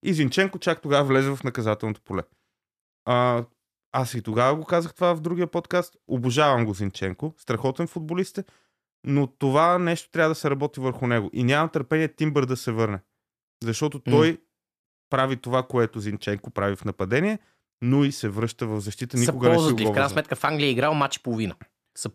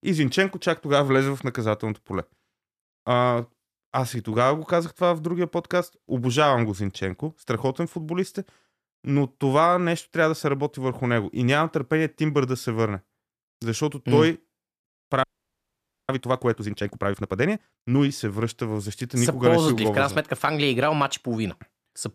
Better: first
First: none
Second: audio freezing; at 15 s for 1 s

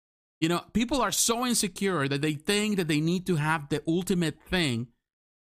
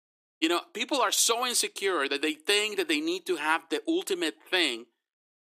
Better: first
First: none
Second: thin; very; fading below 300 Hz

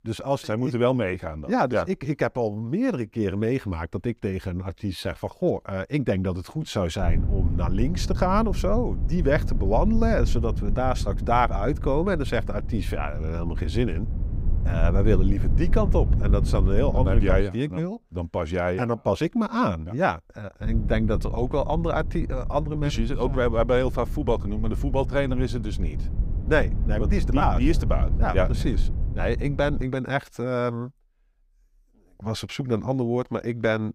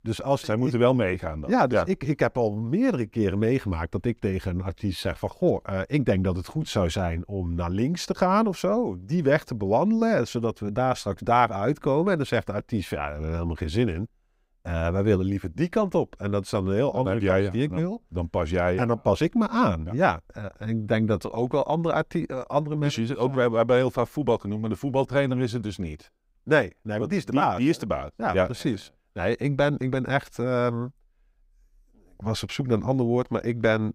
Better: second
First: low rumble; noticeable; from 7 to 17 s and from 21 to 30 s; 15 dB below the speech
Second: none

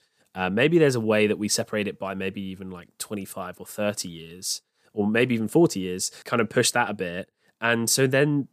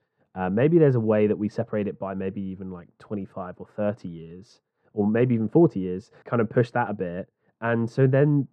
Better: first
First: none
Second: muffled; very; fading above 1 kHz

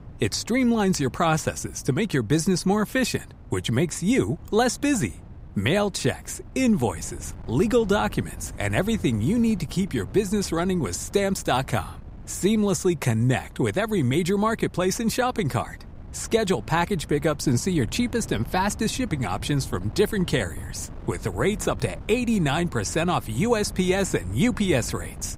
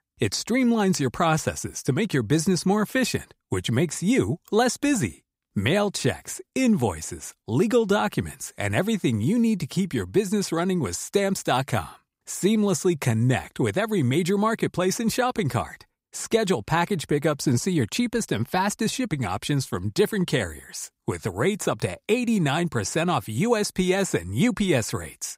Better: second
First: wind noise on the microphone; occasional gusts; 25 dB below the speech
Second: none

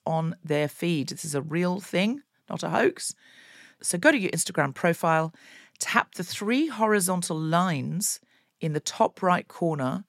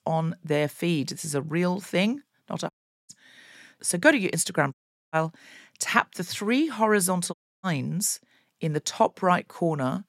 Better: first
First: none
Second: audio cutting out; at 2.5 s, at 4.5 s and at 7.5 s

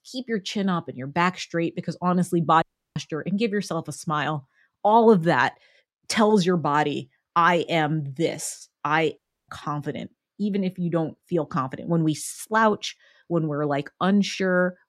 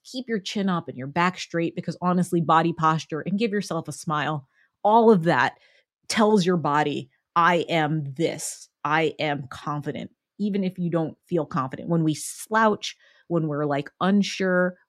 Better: second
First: audio cutting out; at 2.5 s and at 9 s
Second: none

